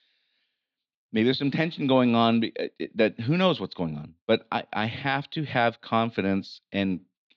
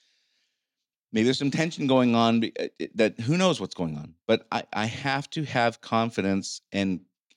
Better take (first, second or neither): second